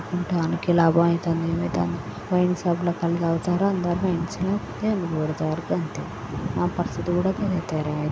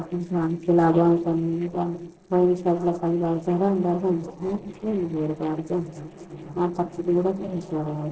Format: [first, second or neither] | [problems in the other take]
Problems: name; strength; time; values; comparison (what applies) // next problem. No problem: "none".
first | noise reduction (neural separator model SepFormer DNS4)